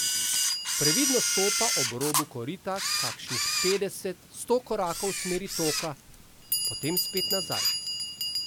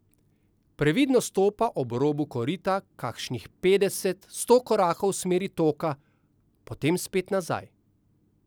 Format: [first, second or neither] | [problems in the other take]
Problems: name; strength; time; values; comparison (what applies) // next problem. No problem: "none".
second | background sound (Camera + Bell); 3 dB above the speech